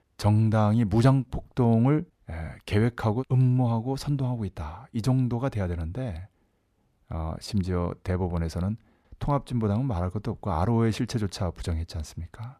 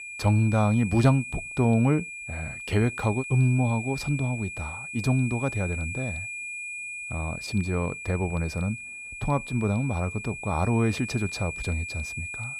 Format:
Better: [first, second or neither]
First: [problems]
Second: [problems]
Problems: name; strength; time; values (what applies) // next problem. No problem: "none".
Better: first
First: none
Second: high-pitched whine; loud; throughout; 2.5 kHz, 8 dB below the speech